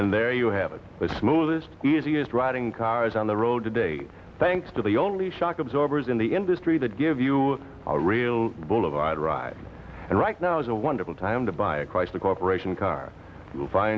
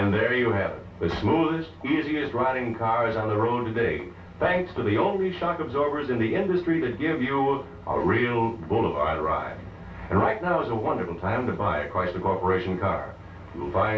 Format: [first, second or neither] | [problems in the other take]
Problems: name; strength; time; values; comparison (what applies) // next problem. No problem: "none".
first | room echo; dies away in 0.3 s